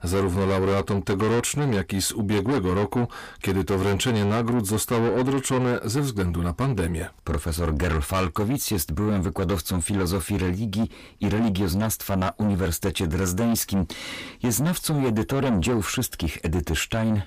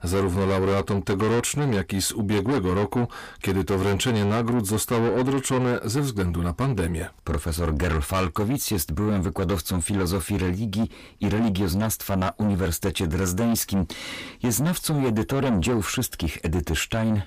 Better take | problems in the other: neither | distortion; heavy; 7 dB below the speech; the same in both

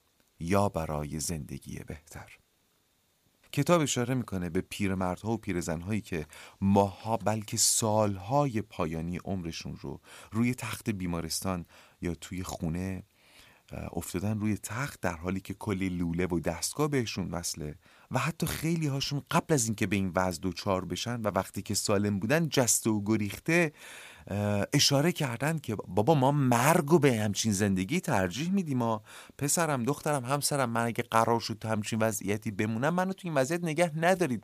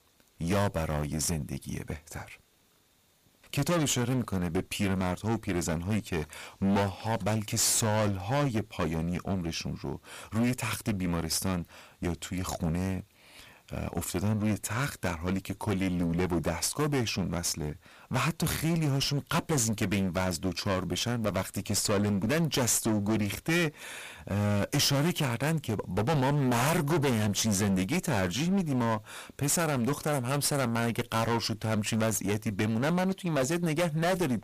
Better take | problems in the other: first | distortion; heavy; 17% of the sound clipped

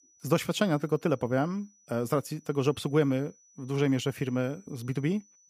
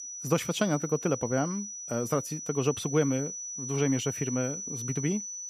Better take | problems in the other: first | high-pitched whine; loud; throughout; 6 kHz, 6 dB below the speech; faint in the first

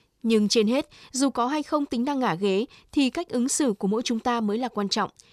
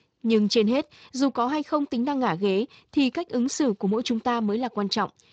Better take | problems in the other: first | garbled, watery; slightly

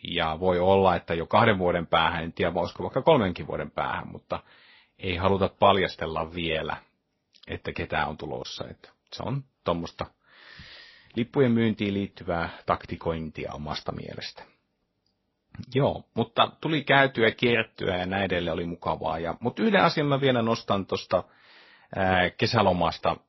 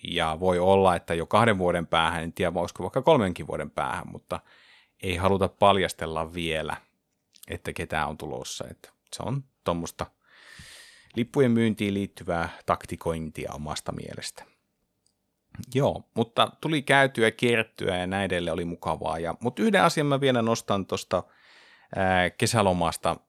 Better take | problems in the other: second | garbled, watery; slightly; nothing above 5.5 kHz

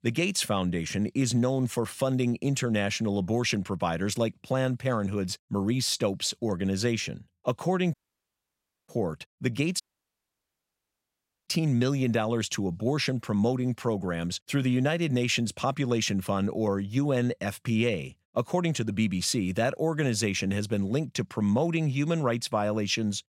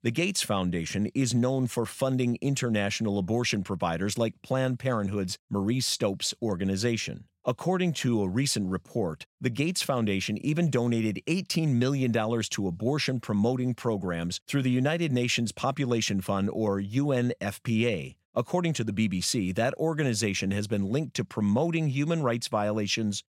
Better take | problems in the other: second | audio cutting out; at 8 s for 1 s and at 10 s for 1.5 s

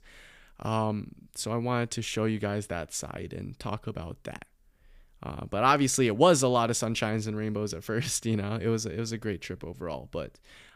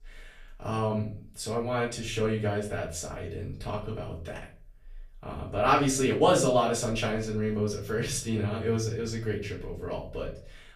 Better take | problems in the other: first | off-mic speech; far // room echo; slight; dies away in 0.4 s

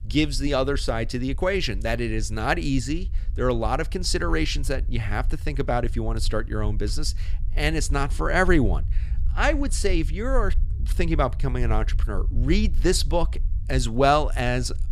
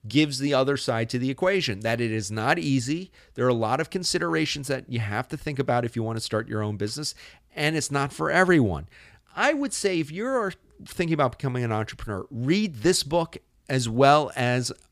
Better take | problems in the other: second | low rumble; faint; throughout; 25 dB below the speech

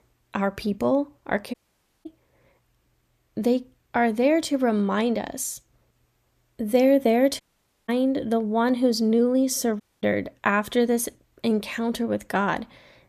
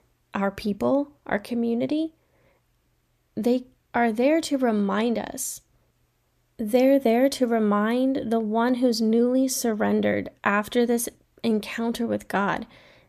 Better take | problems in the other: second | audio cutting out; at 1.5 s for 0.5 s, at 7.5 s and at 10 s

